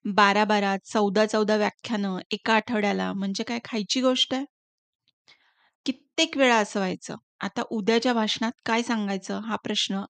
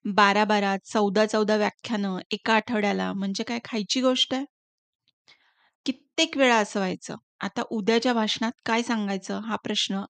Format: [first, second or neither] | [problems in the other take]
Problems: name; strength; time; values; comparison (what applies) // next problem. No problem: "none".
neither | none